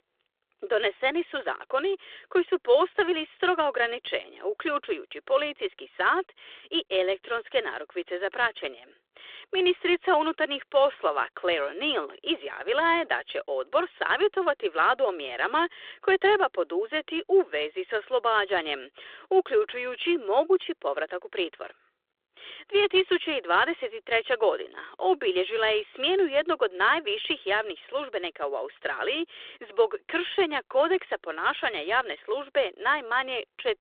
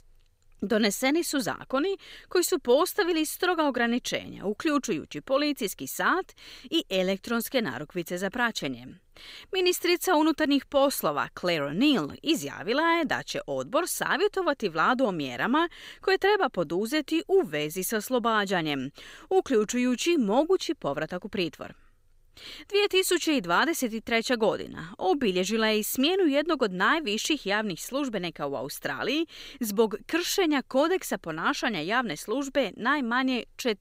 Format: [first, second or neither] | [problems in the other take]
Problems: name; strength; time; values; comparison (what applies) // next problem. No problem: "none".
second | phone-call audio